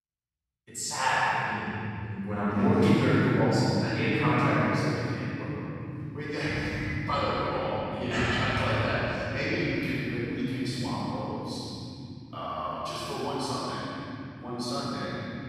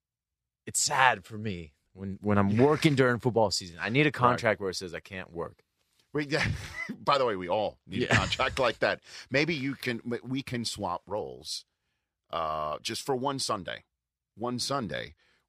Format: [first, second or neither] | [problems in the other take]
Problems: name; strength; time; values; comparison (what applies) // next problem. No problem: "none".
second | room echo; strong; dies away in 3 s // off-mic speech; far